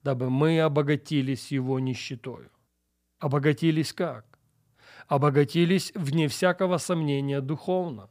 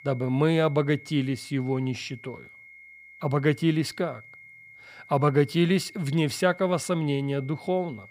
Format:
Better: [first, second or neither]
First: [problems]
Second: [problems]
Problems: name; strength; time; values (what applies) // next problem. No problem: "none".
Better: first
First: none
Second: high-pitched whine; faint; throughout; 2 kHz, 20 dB below the speech